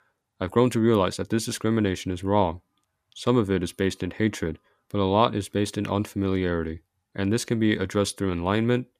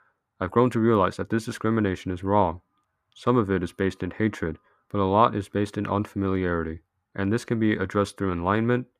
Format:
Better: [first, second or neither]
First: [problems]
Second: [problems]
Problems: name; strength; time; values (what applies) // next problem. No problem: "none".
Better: first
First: none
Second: muffled; slightly; fading above 2.5 kHz